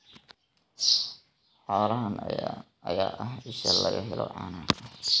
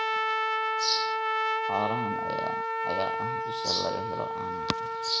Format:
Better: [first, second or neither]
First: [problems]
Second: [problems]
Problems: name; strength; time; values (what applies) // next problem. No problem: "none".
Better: first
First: none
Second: background sound (Trumpet); 4 dB above the speech